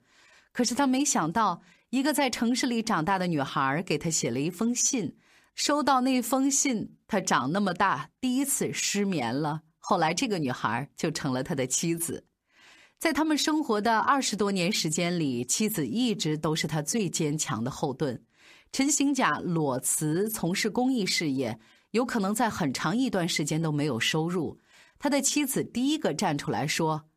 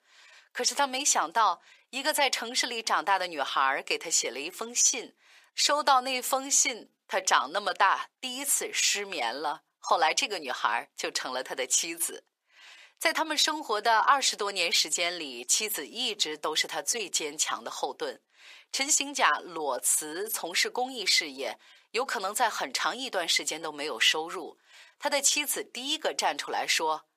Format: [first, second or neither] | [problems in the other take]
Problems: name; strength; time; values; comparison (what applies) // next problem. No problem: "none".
first | thin; very; fading below 550 Hz